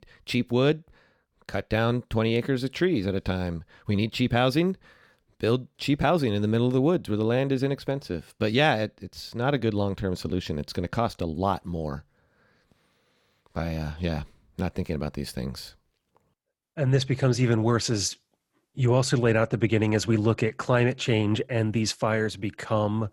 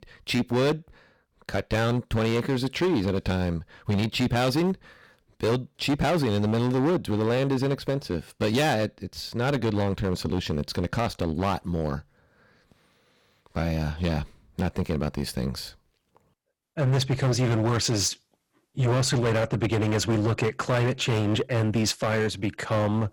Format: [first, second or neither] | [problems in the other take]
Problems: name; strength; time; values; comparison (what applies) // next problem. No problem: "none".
first | distortion; heavy; 13% of the sound clipped